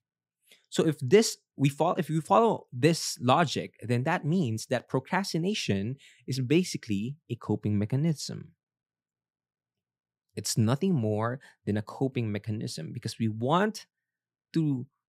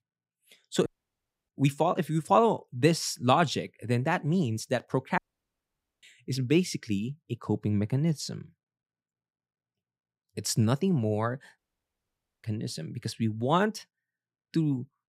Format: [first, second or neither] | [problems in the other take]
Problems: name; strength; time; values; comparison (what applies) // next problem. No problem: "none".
first | audio cutting out; at 1 s for 0.5 s, at 5 s for 1 s and at 12 s for 1 s